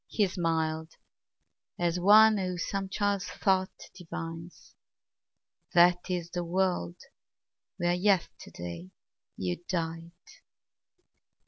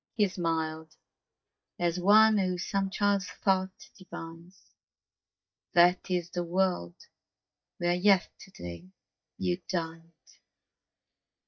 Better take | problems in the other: first | noise reduction (neural mask model DeepFilterNet 3)

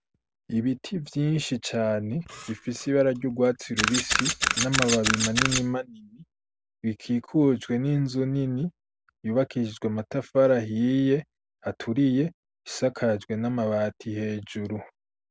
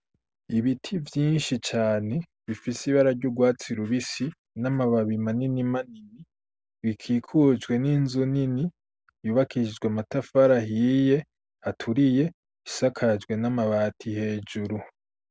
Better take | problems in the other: second | background sound (Camera); 1 dB below the speech

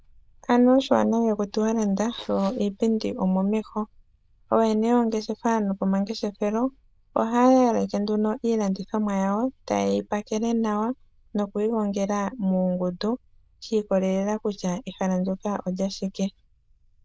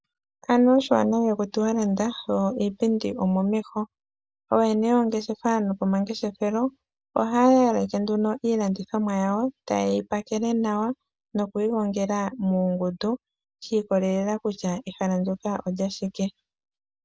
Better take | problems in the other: second | noise reduction (neural diffusion model UNIVERSE++)

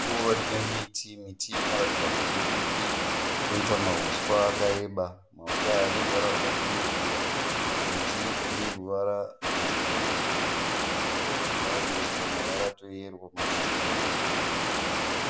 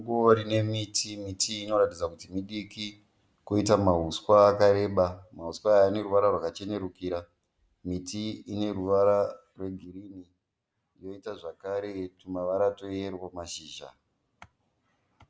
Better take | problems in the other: second | background sound (Water); 5 dB above the speech

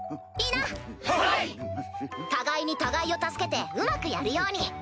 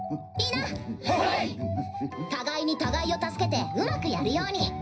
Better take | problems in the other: first | room echo; dies away in 0.5 s

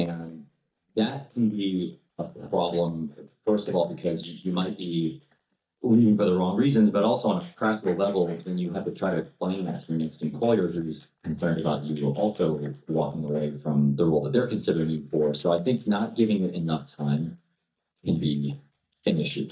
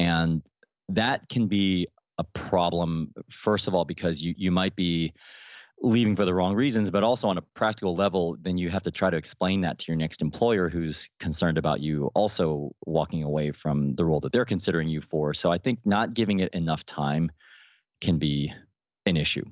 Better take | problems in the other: second | noise reduction (neural mask model DeepFilterNet 3)

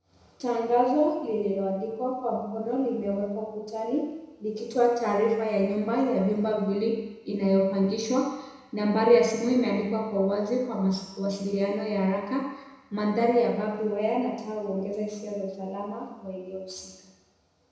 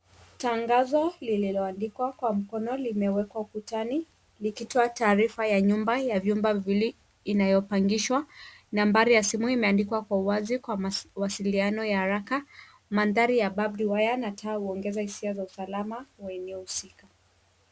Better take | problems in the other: second | room echo; dies away in 1 s

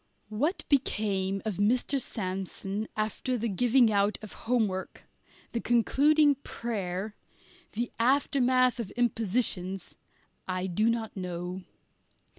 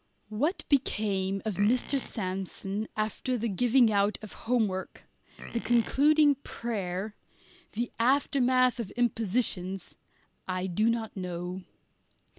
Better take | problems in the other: first | background sound (Livestock, farm animals, working animals); 16 dB below the speech

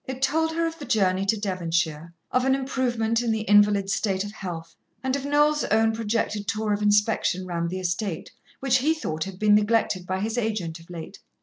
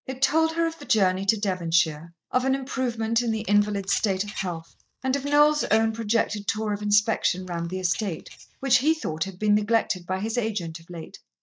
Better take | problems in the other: first | noise reduction (neural mask model DeepFilterNet 3)

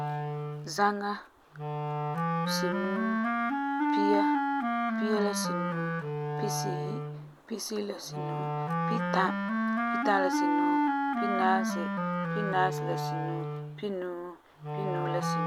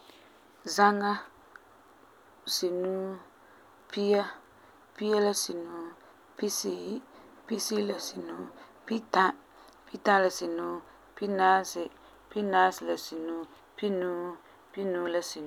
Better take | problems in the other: second | background sound (Wind instrument, woodwind instrument); 4 dB above the speech

